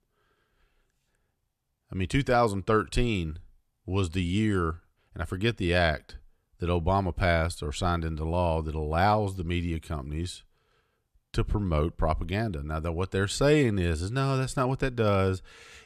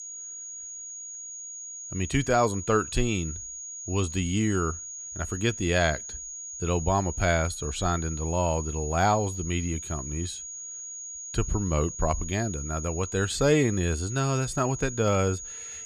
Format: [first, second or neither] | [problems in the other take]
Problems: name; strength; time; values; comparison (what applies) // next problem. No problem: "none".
first | high-pitched whine; loud; throughout; 6.5 kHz, 8 dB below the speech